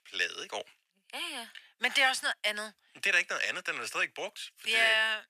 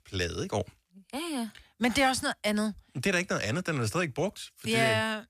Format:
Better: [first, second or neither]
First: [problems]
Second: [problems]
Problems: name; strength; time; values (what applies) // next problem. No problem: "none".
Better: second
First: thin; very; fading below 600 Hz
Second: none